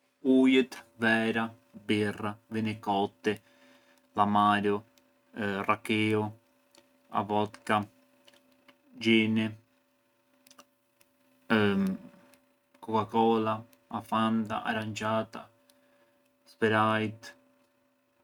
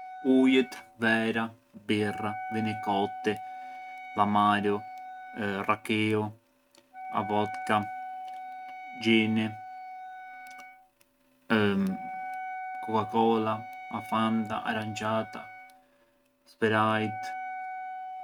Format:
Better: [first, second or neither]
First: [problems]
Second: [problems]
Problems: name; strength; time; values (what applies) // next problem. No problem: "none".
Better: first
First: none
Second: background sound (Wind instrument, woodwind instrument); 11 dB below the speech